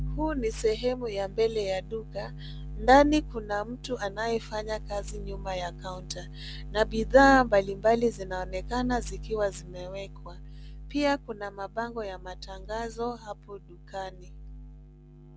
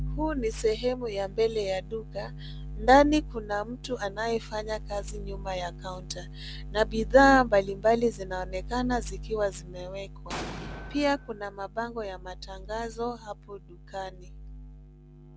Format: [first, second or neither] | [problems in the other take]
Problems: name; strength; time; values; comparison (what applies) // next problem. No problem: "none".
first | background sound (Explosion); 12 dB below the speech